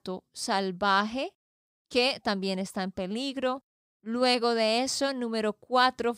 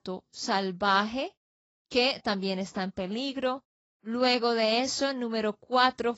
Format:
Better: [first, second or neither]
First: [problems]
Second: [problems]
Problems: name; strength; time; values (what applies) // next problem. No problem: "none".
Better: first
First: none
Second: garbled, watery; badly; nothing above 7.5 kHz